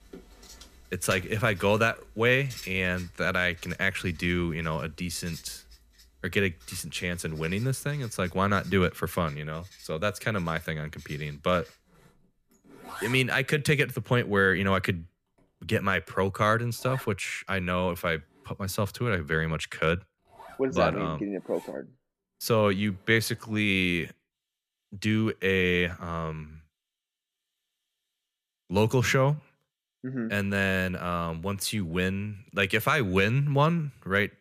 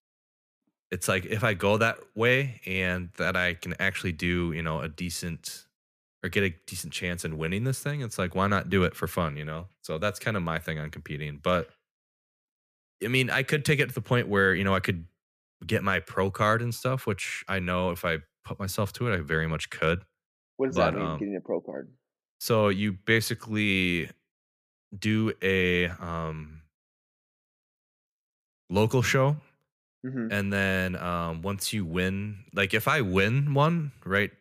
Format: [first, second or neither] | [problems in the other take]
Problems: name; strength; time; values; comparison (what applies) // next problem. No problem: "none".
second | household noises; faint; throughout; 20 dB below the speech